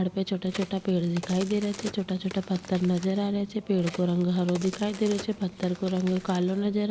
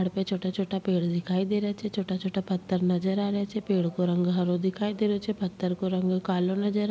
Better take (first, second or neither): second